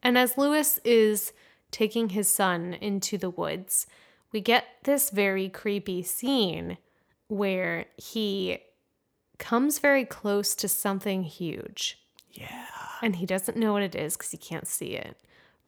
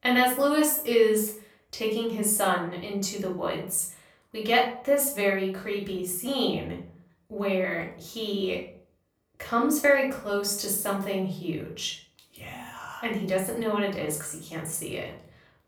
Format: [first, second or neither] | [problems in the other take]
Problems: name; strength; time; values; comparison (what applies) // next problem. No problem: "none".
first | off-mic speech; far // room echo; slight; dies away in 0.4 s